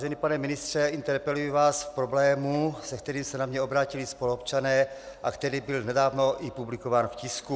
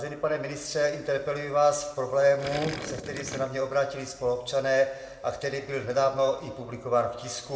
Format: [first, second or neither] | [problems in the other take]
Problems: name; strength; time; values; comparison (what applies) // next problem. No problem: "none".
first | background sound (Gurgling); 10 dB below the speech // room echo; dies away in 1.5 s